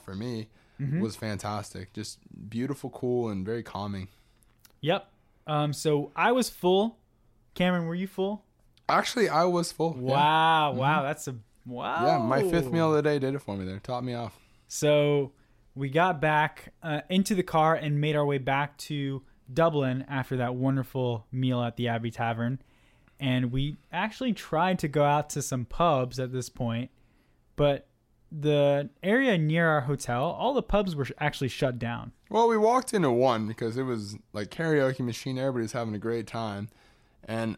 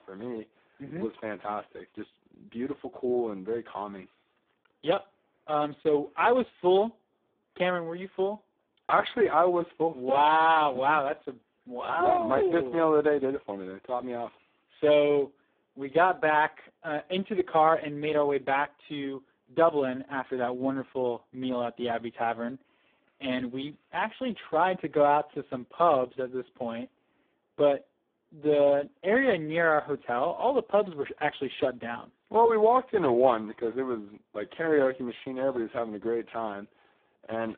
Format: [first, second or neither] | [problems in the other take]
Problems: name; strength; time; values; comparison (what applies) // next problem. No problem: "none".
first | phone-call audio; poor line